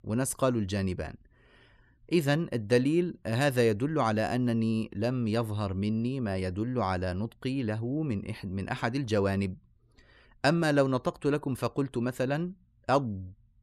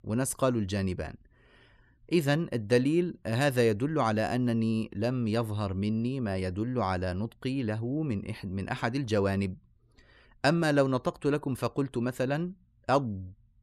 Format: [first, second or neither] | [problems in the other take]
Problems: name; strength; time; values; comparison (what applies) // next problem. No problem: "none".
neither | none